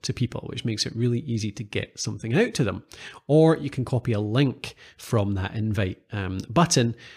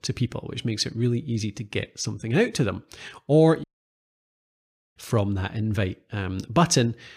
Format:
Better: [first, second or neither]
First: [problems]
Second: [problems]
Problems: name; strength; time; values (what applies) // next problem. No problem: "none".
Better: first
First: none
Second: audio cutting out; at 3.5 s for 1.5 s